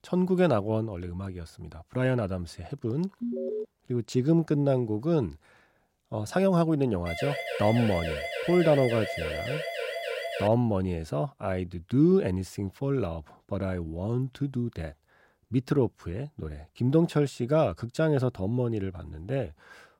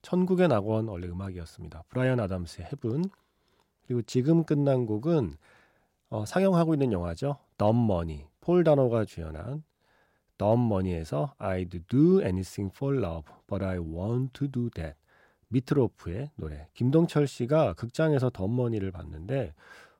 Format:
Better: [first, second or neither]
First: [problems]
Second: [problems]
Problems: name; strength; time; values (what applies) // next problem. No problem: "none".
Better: second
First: alarm; noticeable; at 3 s; peak 4 dB below the speech // siren; noticeable; from 7 to 10 s; peak 4 dB below the speech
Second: none